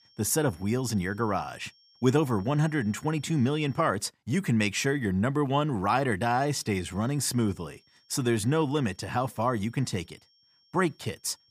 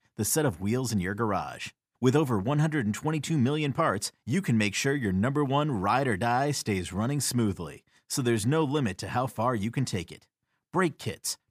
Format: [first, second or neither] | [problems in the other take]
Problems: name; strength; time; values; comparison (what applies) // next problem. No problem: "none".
second | high-pitched whine; faint; until 4 s and from 6.5 s on; 5.5 kHz, 30 dB below the speech